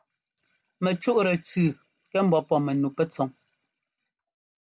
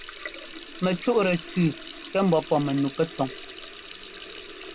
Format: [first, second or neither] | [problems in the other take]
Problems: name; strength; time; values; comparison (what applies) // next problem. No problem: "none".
first | background sound (Water tap, faucet); 13 dB below the speech